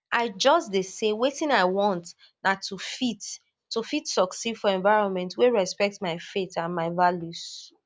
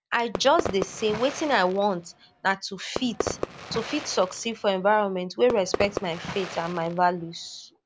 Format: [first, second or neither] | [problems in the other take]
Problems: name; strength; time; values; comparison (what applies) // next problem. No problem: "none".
first | background sound (Fireworks); 9 dB below the speech